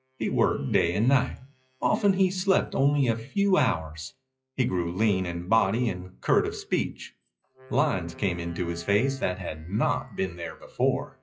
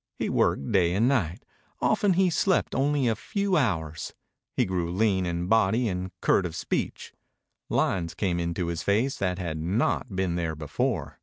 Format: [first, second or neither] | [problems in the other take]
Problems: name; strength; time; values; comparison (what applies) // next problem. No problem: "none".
second | noise reduction (classical method WPE with log-MMSE)